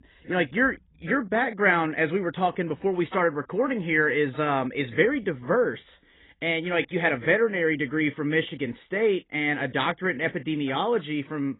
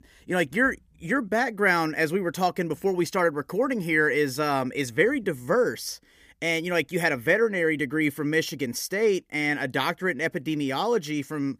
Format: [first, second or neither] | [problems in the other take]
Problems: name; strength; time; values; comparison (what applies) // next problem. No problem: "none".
second | garbled, watery; badly; nothing above 4 kHz